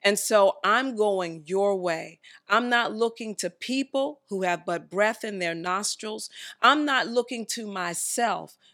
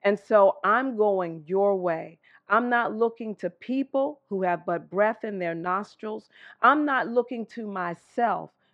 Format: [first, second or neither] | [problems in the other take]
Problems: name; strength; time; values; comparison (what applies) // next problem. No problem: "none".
first | muffled; very; fading above 1.5 kHz